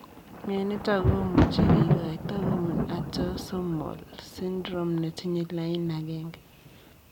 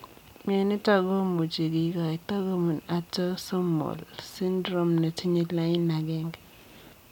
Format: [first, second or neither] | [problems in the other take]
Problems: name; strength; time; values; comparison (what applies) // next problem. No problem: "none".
second | background sound (Thunder); 2 dB above the speech